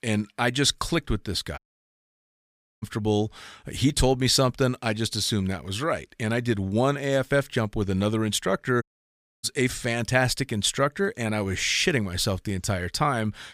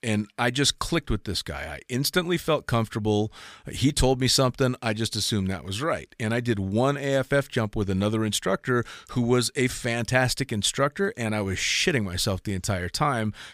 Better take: second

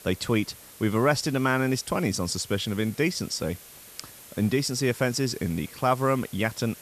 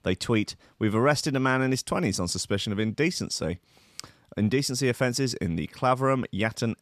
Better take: second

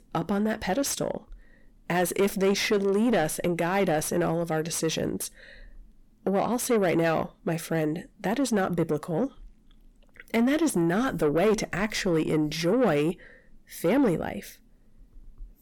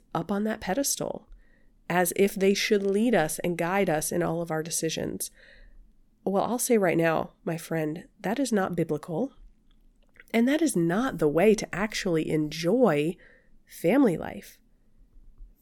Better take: second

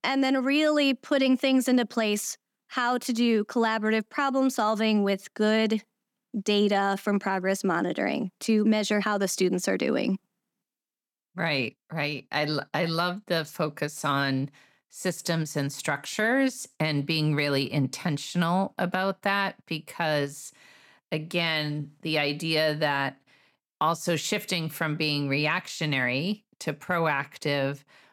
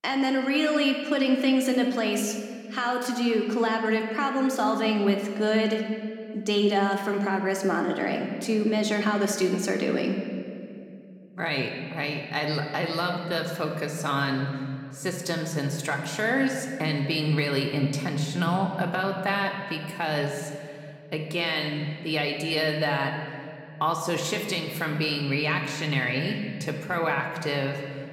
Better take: first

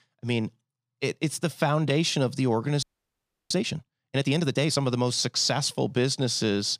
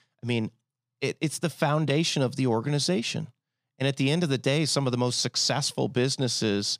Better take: second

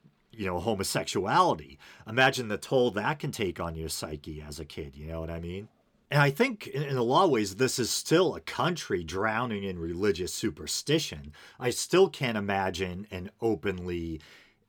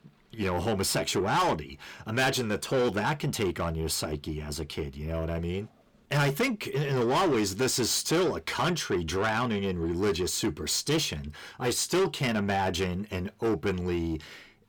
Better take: first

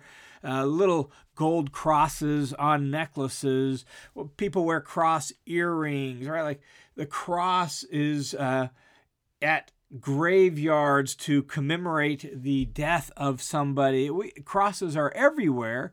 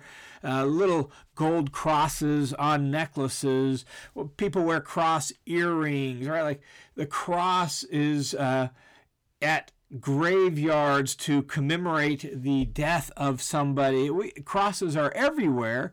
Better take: first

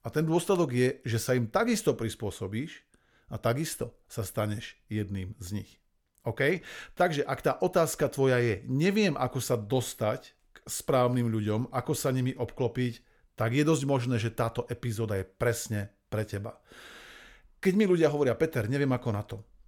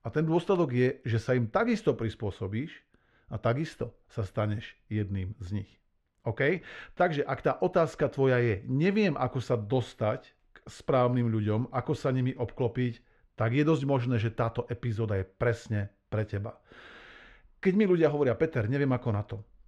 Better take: first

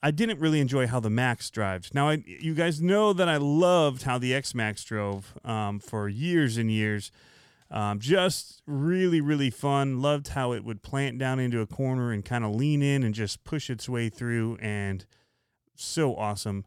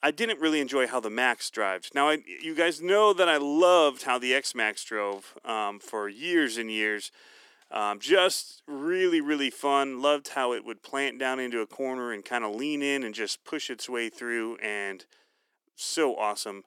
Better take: first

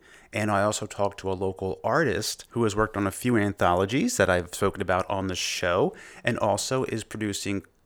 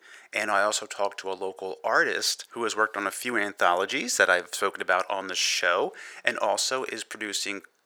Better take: first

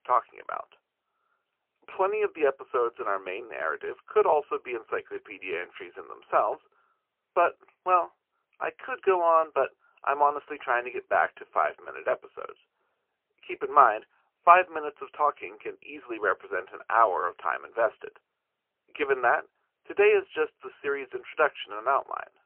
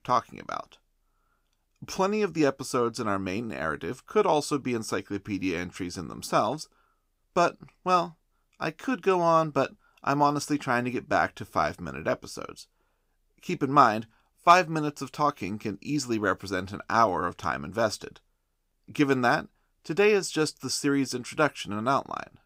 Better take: second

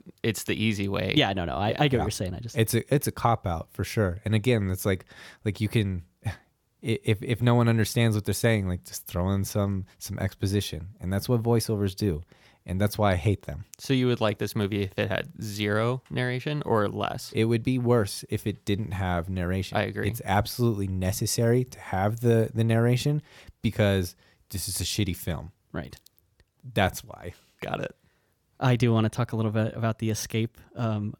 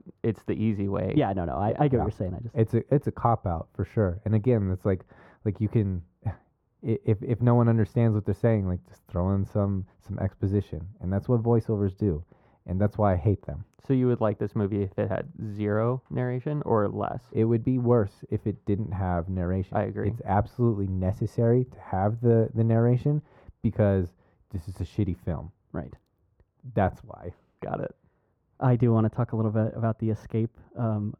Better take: first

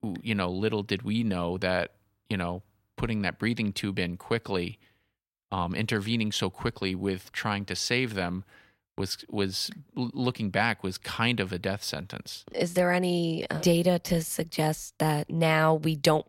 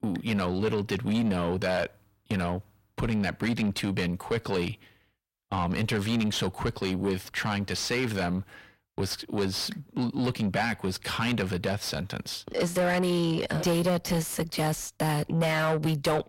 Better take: first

